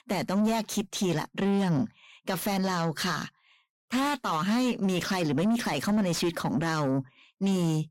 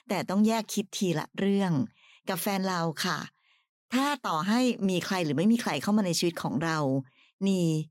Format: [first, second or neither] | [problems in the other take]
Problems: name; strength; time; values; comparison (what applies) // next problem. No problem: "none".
second | distortion; slight; 10 dB below the speech